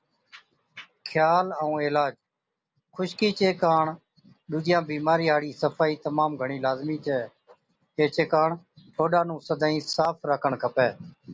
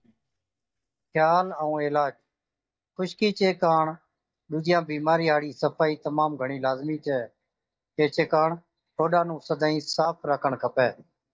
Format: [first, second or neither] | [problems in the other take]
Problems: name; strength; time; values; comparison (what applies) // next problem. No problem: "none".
first | noise reduction (neural mask model DeepFilterNet 3)